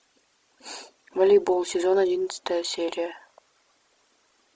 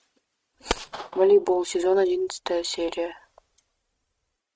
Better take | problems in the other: first | noise reduction (neural mask model RNNoise)

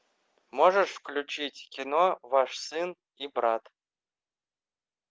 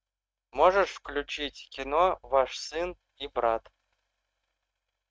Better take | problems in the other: first | noise reduction (neural mask model RNNoise)

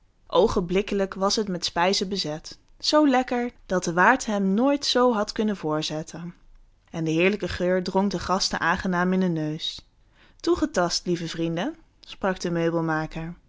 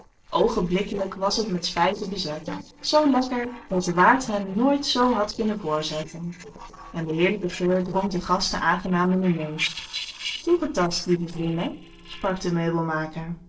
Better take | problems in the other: first | noise reduction (neural separator model SepFormer DNS4)

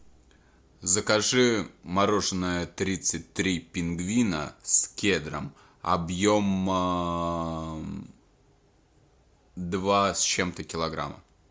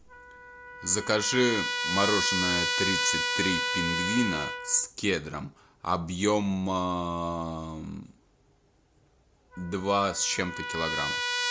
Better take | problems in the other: first | background sound (Trumpet); 3 dB below the speech

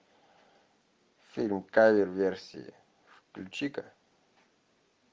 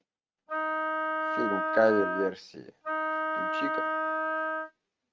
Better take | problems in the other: first | noise reduction (neural mask model RNNoise)

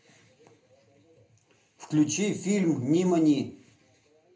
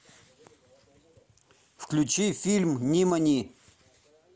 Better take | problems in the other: second | room echo; dies away in 0.3 s

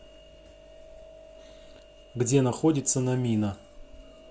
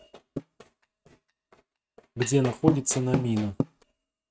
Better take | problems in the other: first | noise reduction (neural mask model RNNoise)

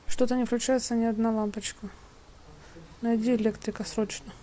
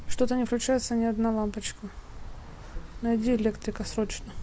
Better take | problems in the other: first | background sound (Traffic noise, roadway noise / Bus); 12 dB below the speech

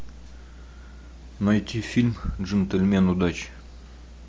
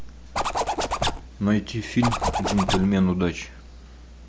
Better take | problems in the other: first | background sound (Zipper (clothing)); 1 dB below the speech

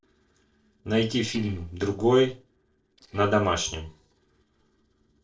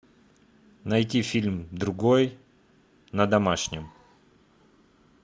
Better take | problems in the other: second | noise reduction (neural separator model SepFormer DNS4)

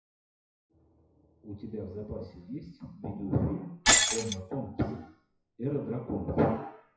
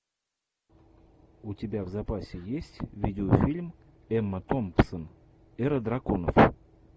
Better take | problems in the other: second | noise reduction (classical method WPE with log-MMSE)

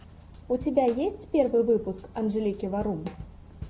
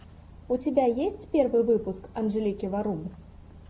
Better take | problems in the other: second | background sound (Drum / Drum kit); 19 dB below the speech

